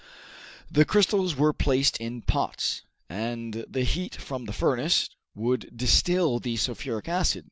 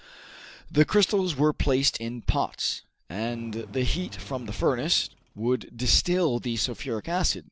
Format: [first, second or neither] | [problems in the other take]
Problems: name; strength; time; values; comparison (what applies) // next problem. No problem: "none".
first | background sound (Engine); 20 dB below the speech